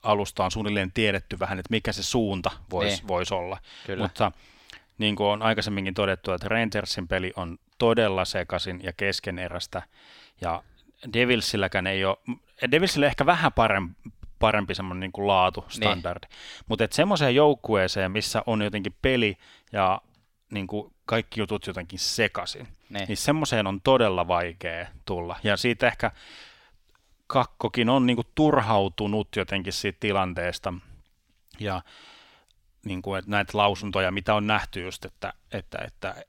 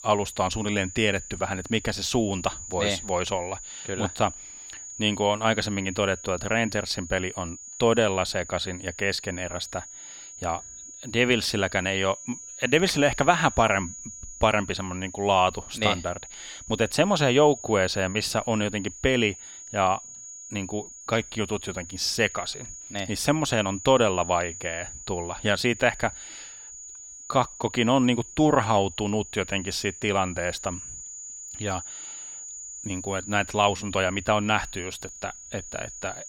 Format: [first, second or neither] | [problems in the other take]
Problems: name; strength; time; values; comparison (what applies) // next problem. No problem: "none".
first | high-pitched whine; noticeable; throughout; 7 kHz, 15 dB below the speech